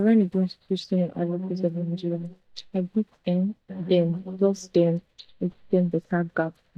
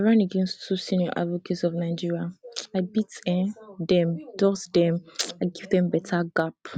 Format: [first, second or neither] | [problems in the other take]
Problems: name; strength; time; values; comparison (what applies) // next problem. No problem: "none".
second | noise reduction (neural mask model DeepFilterNet 3)